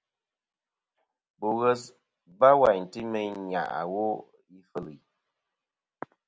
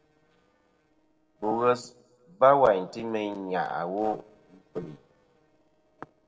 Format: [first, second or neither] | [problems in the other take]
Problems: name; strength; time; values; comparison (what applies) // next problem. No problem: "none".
first | noise reduction (neural separator model SepFormer DNS4)